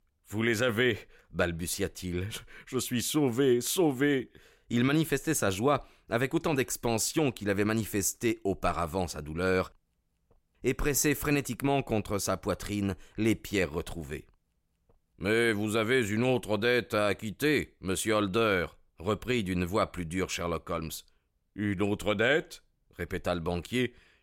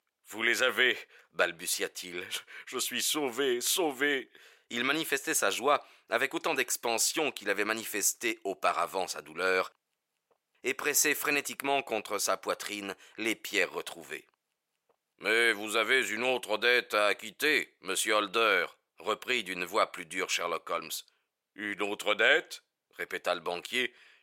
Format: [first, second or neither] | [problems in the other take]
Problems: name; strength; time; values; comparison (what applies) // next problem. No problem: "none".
first | thin; somewhat; fading below 550 Hz